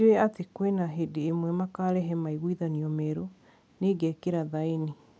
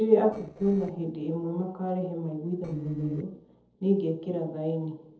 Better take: first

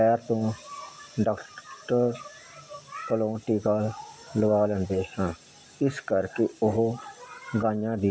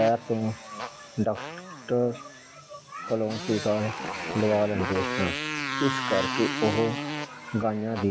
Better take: first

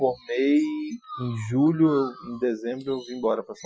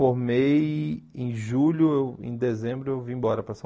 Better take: second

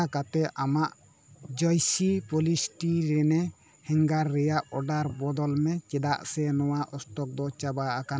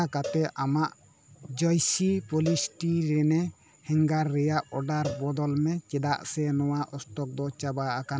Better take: first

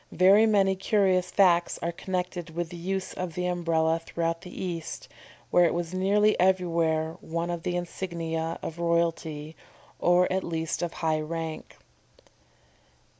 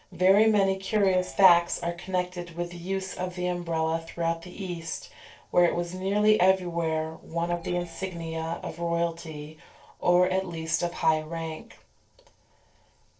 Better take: first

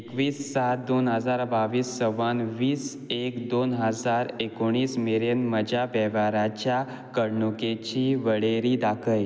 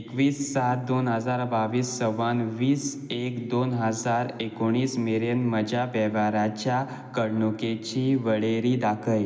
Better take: first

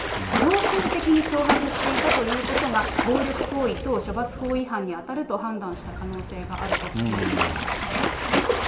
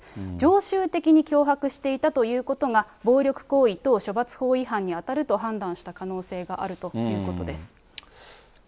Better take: second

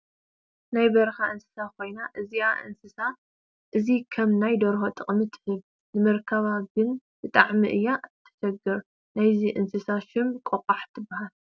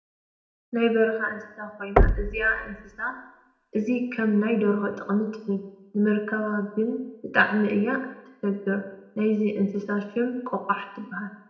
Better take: first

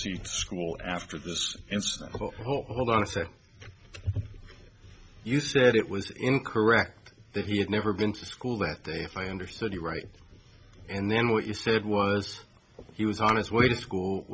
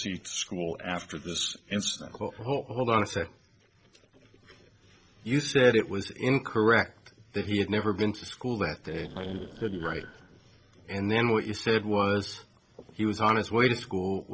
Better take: first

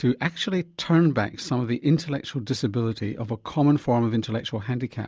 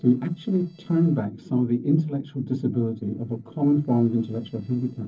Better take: first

